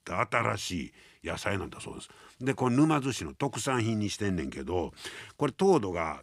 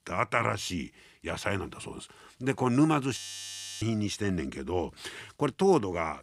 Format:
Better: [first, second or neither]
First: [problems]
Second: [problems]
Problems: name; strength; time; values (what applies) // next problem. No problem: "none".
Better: first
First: none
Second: audio freezing; at 3 s for 0.5 s